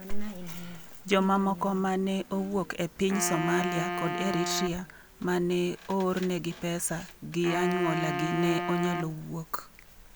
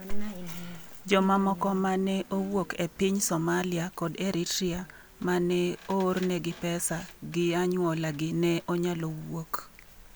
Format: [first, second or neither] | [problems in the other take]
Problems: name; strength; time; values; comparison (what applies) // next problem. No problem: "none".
second | background sound (Wind instrument, woodwind instrument); 6 dB below the speech